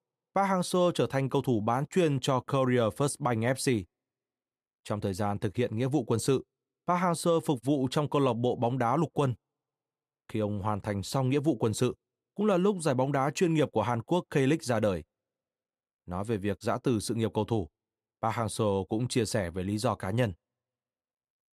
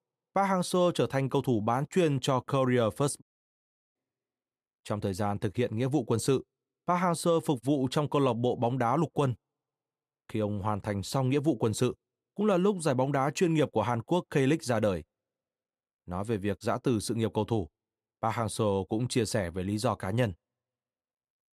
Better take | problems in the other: first | audio cutting out; at 3 s for 0.5 s

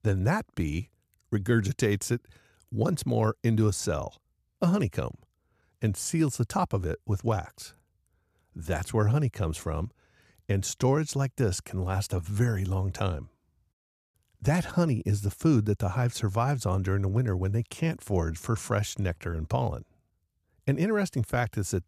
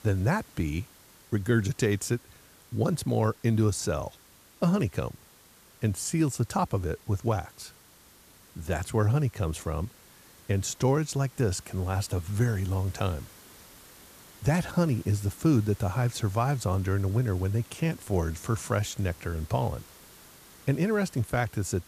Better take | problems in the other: first | hiss; faint; throughout; 25 dB below the speech

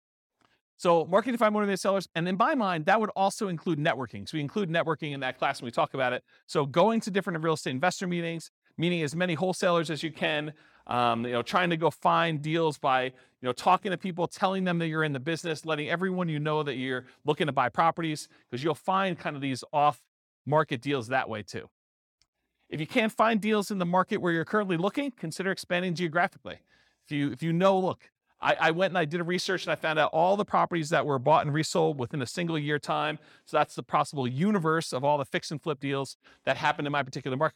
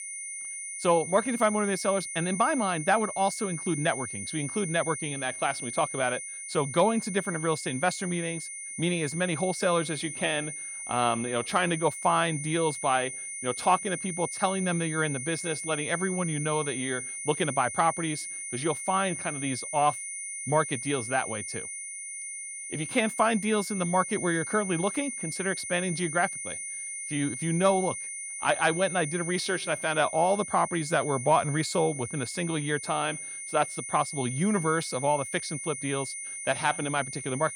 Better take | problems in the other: first | high-pitched whine; loud; throughout; 9.5 kHz, 6 dB below the speech

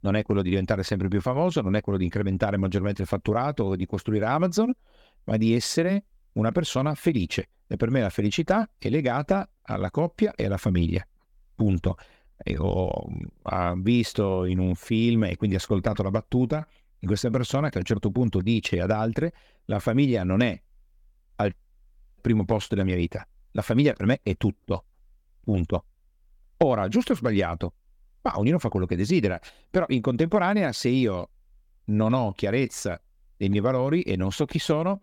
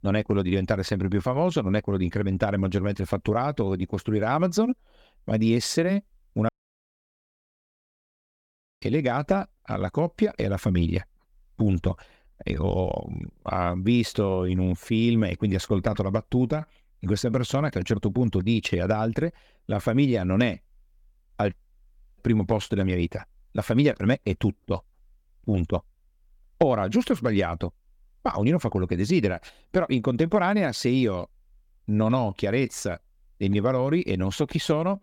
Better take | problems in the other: first | audio cutting out; at 6.5 s for 2.5 s

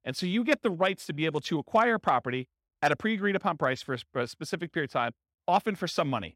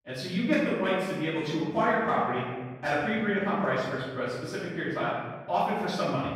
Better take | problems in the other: first | room echo; strong; dies away in 1.3 s // off-mic speech; far

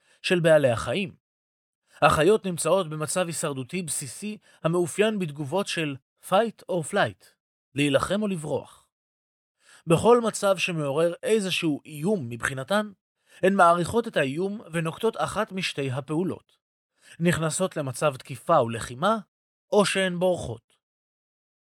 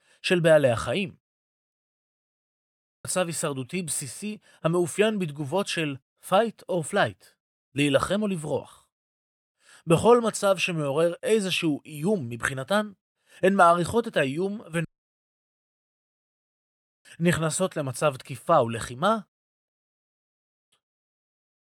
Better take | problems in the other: first | audio cutting out; at 1.5 s for 1.5 s, at 15 s for 2 s and at 20 s for 1 s

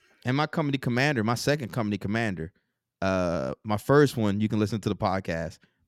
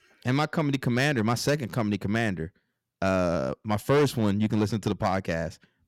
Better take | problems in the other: first | distortion; slight; 3% of the sound clipped

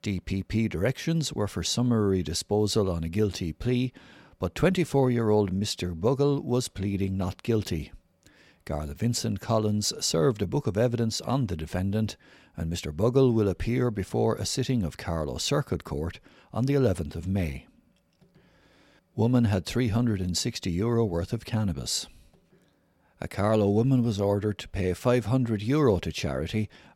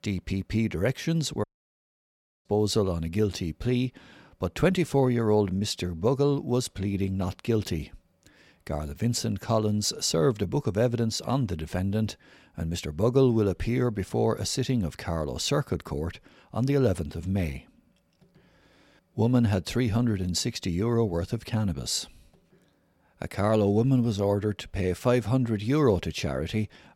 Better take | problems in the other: first | audio cutting out; at 1.5 s for 1 s

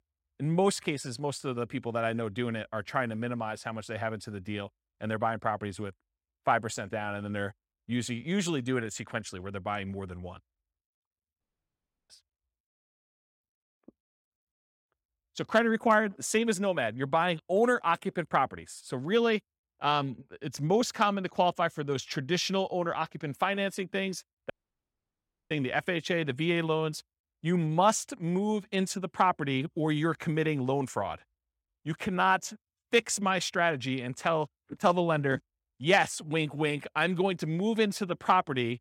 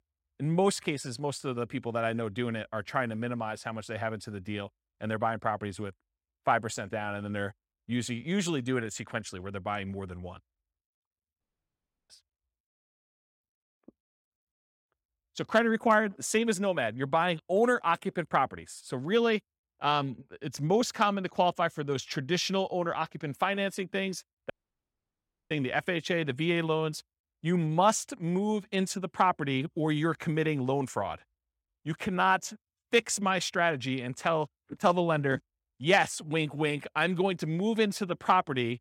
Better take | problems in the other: neither | audio cutting out; at 11 s for 0.5 s and at 25 s for 1 s; the same in both

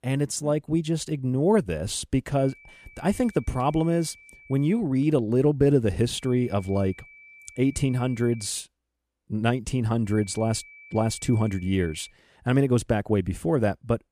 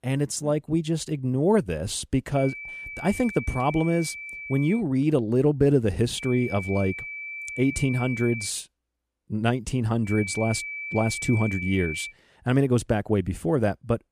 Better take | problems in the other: first | high-pitched whine; loud; from 2.5 to 5 s, from 6 to 8.5 s and from 10 to 12 s; 2.5 kHz, 8 dB below the speech; faint in the first

